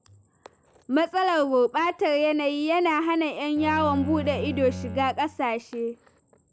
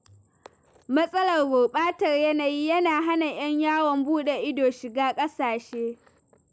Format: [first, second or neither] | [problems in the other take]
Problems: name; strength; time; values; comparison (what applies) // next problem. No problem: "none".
second | background sound (Bowed string instrument); 10 dB below the speech